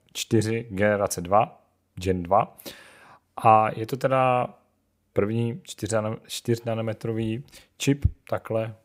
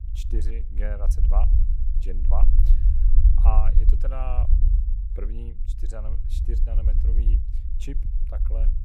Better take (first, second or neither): first